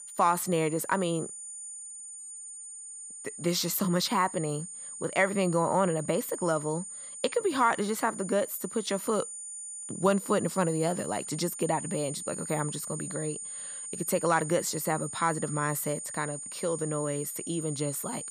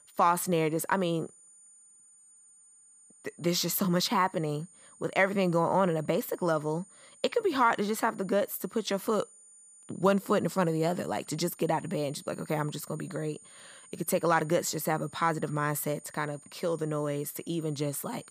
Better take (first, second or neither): second